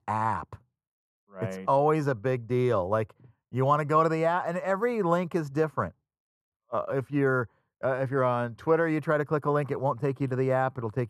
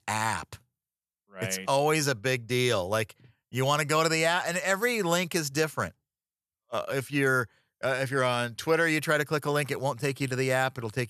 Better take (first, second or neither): second